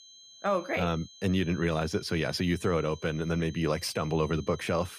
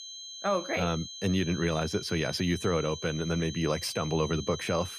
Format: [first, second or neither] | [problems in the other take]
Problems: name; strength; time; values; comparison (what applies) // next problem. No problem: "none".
first | high-pitched whine; loud; throughout; 4 kHz, 10 dB below the speech; faint in the first